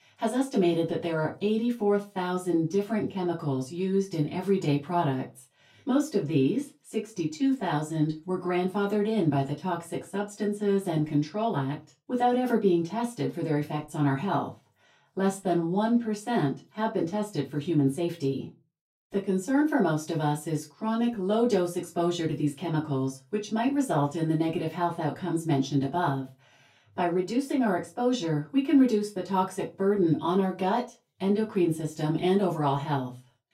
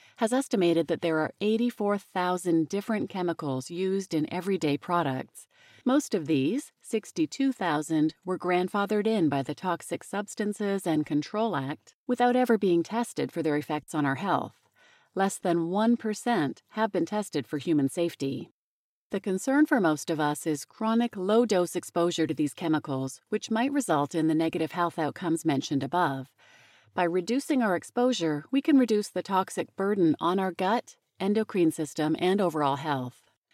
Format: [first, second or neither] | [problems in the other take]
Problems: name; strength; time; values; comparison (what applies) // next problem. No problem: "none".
second | off-mic speech; far // room echo; very slight; dies away in 0.2 s